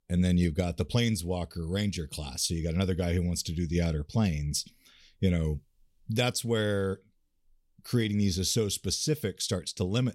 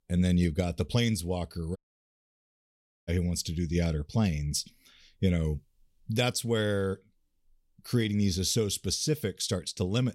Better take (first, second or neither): first